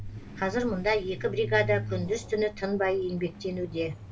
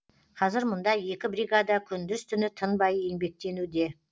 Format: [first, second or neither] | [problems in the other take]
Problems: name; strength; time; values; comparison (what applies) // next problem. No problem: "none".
second | background sound (Truck); 9 dB below the speech // room echo; dies away in 0.2 s